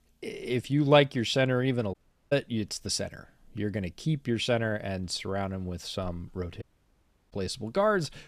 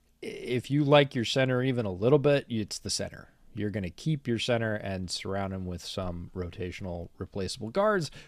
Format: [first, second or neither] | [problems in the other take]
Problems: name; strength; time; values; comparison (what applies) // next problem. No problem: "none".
second | audio cutting out; at 2 s and at 6.5 s for 0.5 s